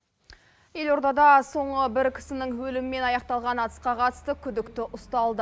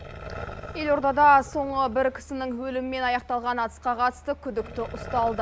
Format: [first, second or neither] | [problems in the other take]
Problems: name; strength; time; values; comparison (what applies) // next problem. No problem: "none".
first | background sound (Growling); 16 dB below the speech